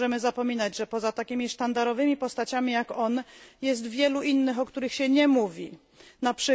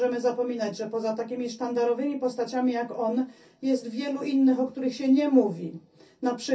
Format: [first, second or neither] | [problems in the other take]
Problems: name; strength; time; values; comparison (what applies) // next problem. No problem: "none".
first | room echo; dies away in 0.3 s